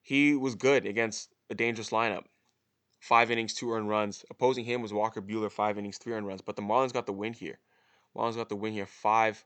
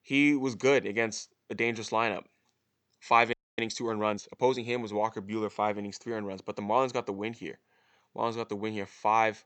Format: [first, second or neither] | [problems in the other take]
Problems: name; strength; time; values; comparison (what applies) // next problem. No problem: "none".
first | audio freezing; at 3.5 s